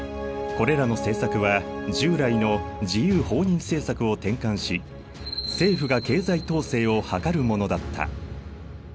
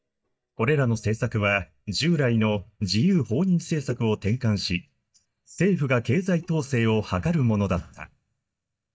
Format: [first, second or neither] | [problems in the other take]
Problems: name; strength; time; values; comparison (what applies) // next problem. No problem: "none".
first | noise reduction (neural mask model DeepFilterNet 3)